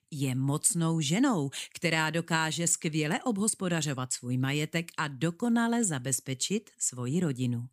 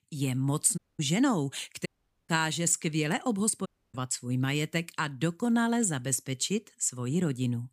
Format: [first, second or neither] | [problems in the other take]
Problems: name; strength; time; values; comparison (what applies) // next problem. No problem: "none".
first | audio cutting out; at 1 s, at 2 s and at 3.5 s